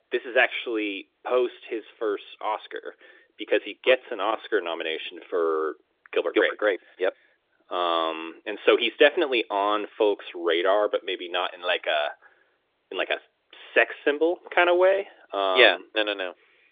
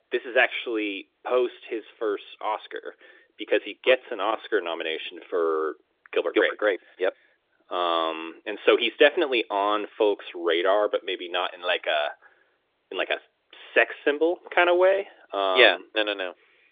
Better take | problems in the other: neither | phone-call audio; the same in both

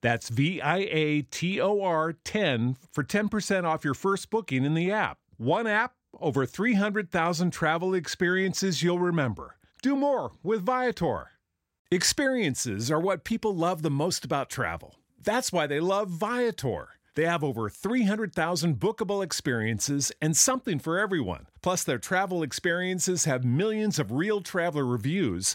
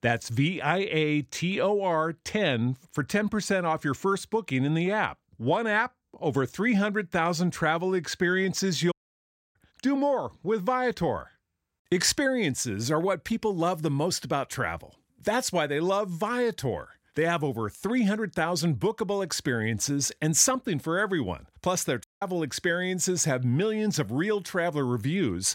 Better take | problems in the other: first | audio cutting out; at 9 s for 0.5 s and at 22 s

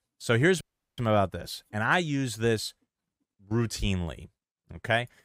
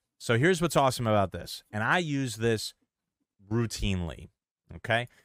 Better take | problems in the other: second | audio cutting out; at 0.5 s

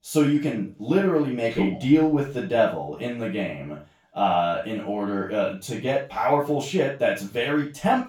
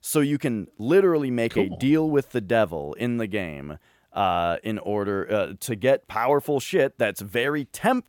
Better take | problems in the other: second | room echo; noticeable; dies away in 0.3 s // off-mic speech; far

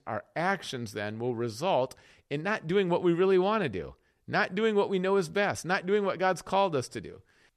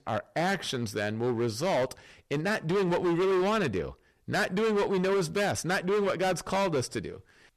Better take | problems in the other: first | distortion; heavy; 18% of the sound clipped

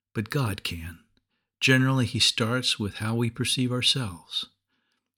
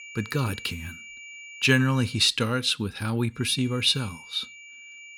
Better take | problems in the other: first | high-pitched whine; noticeable; until 2.5 s and from 3.5 s on; 2.5 kHz, 15 dB below the speech

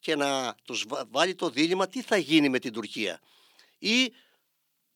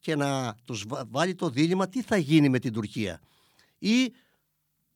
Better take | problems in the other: second | thin; very slightly; fading below 400 Hz

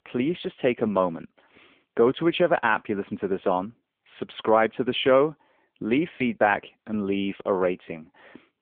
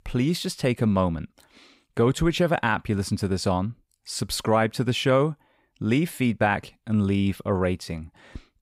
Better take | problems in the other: second | phone-call audio; nothing above 3.5 kHz

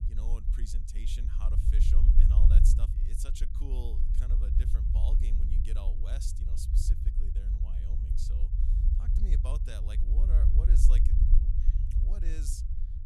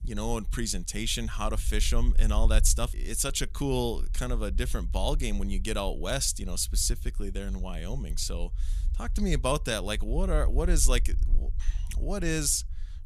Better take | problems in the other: second | low rumble; loud; throughout; as loud as the speech; faint in the second

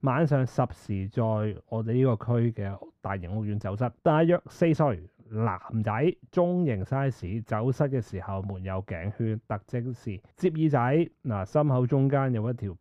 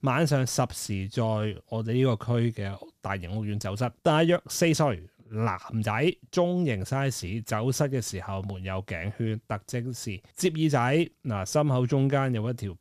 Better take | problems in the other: second | muffled; very; fading above 3 kHz

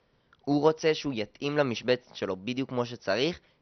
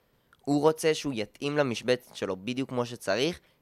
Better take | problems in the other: second | garbled, watery; slightly; nothing above 6 kHz

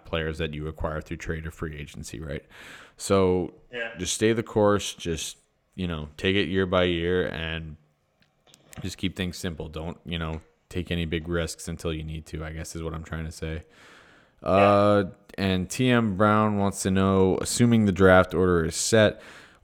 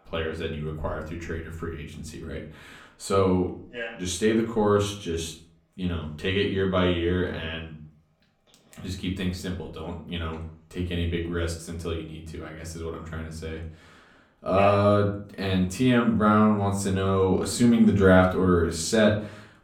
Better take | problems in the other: first | room echo; slight; dies away in 0.4 s // off-mic speech; far

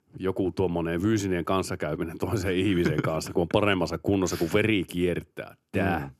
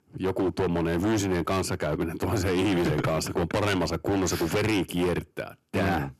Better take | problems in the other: first | distortion; heavy; 19% of the sound clipped

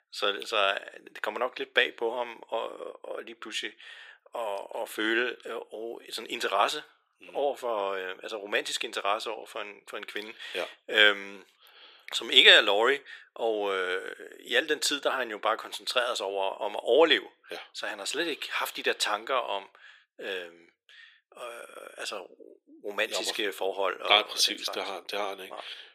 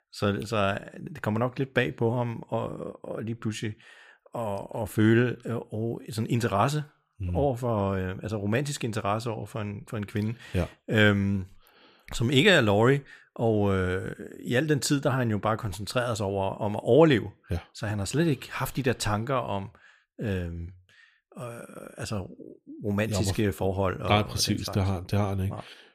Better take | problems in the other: second | thin; very; fading below 400 Hz

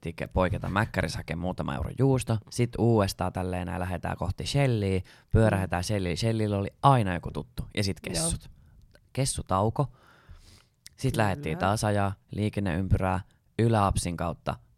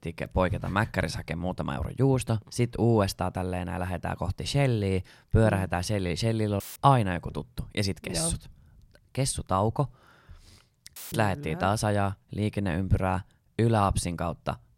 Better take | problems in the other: first | audio cutting out; filled with static; at 6.5 s and at 11 s

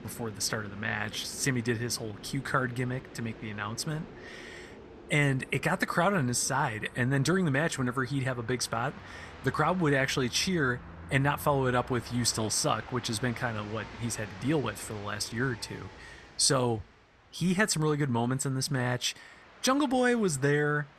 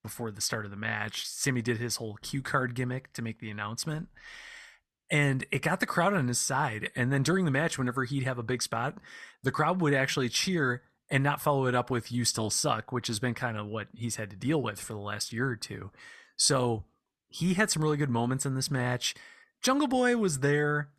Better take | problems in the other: second | train or aircraft noise; noticeable; throughout; 20 dB below the speech

